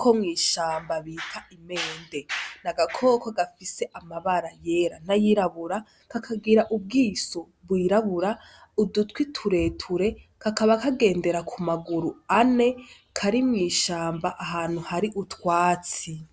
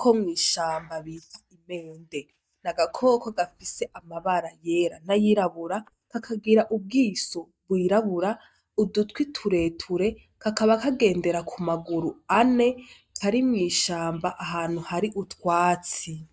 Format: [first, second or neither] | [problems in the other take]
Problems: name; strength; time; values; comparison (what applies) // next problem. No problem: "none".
first | noise reduction (neural mask model DeepFilterNet 3)